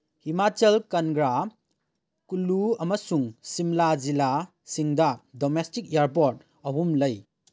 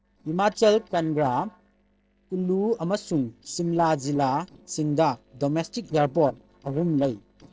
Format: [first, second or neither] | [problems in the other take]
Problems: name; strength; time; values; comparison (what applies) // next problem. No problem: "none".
first | noise reduction (neural separator model SepFormer DNS4)